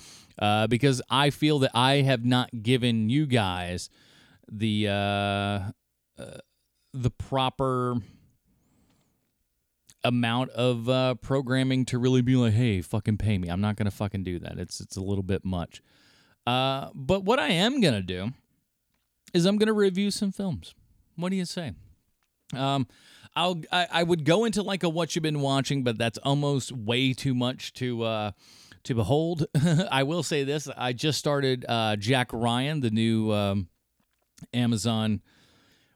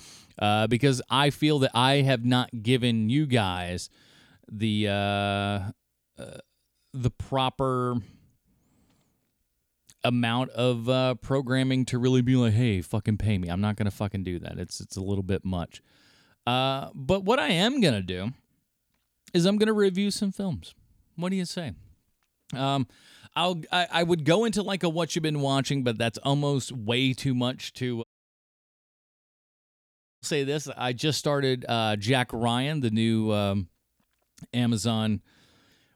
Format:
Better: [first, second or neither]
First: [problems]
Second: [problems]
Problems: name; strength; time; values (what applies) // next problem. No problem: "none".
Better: first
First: none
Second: audio cutting out; at 28 s for 2 s